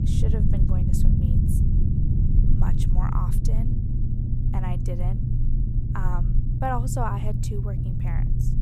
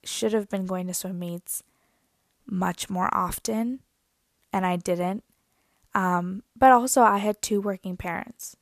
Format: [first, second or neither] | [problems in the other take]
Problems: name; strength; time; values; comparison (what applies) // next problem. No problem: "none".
second | low rumble; loud; throughout; 3 dB below the speech